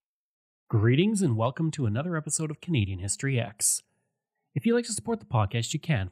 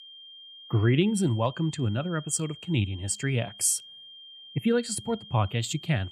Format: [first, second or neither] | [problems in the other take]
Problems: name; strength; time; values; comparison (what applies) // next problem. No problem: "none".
first | high-pitched whine; noticeable; throughout; 3 kHz, 15 dB below the speech